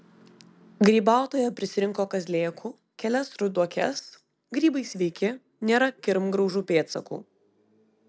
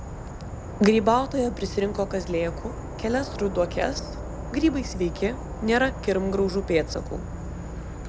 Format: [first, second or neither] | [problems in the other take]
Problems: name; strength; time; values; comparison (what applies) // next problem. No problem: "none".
first | background sound (Insect / Frog); 8 dB below the speech